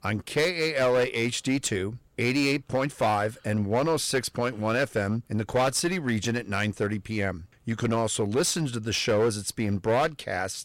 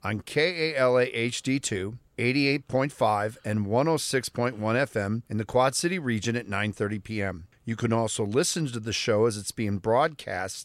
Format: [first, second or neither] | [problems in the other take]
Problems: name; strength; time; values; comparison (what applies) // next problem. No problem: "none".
second | distortion; slight; 9% of the sound clipped